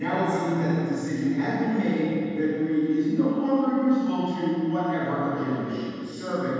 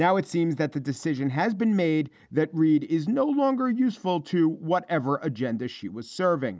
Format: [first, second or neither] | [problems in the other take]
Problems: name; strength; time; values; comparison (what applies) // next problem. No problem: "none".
second | room echo; dies away in 2.1 s